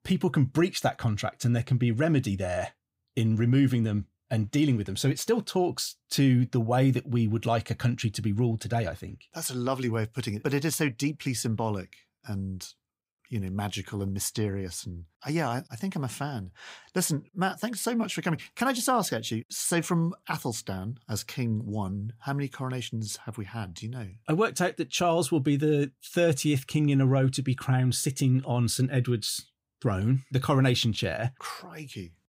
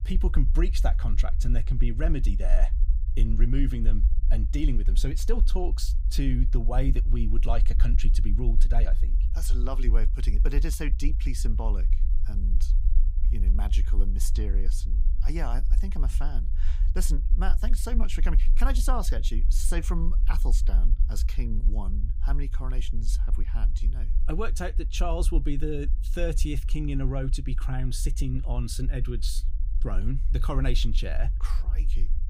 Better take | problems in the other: first | low rumble; noticeable; throughout; 15 dB below the speech

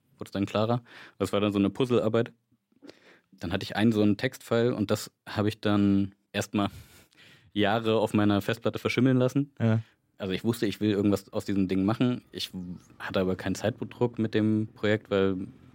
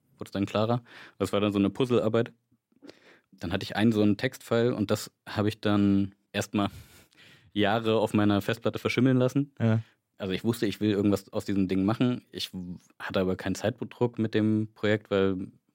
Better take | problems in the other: second | traffic noise; faint; throughout; 25 dB below the speech

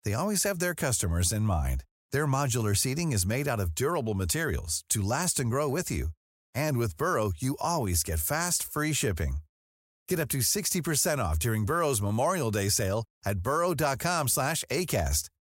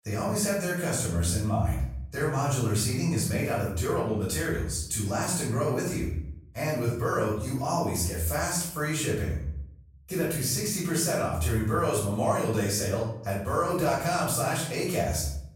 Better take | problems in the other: first | off-mic speech; far // room echo; noticeable; dies away in 0.6 s

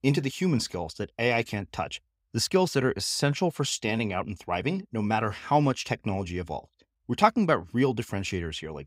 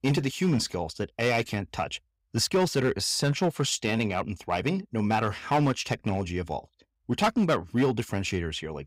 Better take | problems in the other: first | distortion; slight; 5% of the sound clipped

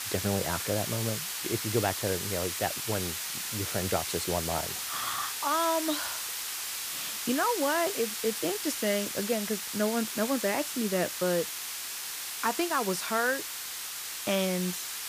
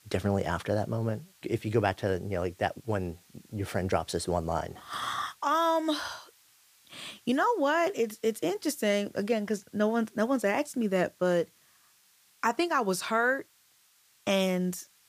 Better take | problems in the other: second | hiss; loud; throughout; 2 dB below the speech; faint in the second

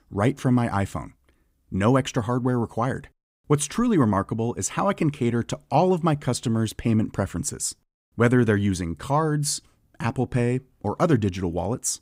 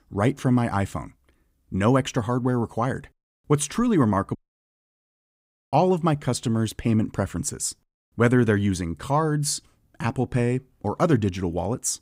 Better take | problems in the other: first | audio cutting out; at 4.5 s for 1.5 s

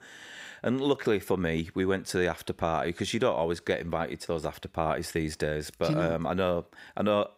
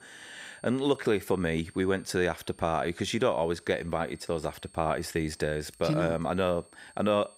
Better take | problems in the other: first | high-pitched whine; faint; throughout; 8.5 kHz, 25 dB below the speech

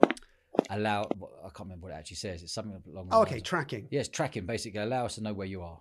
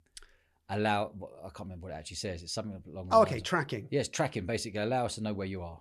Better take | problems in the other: second | footsteps; loud; until 1 s; peak 6 dB above the speech

